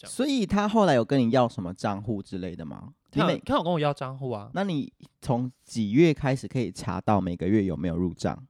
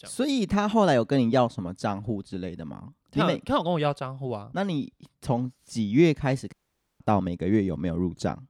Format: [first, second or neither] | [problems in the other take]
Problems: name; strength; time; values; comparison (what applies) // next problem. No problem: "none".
first | audio cutting out; at 6.5 s